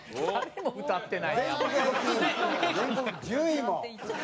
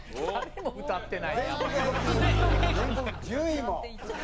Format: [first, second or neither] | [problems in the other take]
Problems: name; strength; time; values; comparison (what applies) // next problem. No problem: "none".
first | background sound (Motorcycle / Engine); 1 dB below the speech